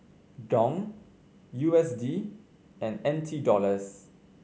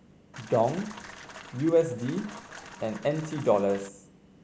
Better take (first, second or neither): first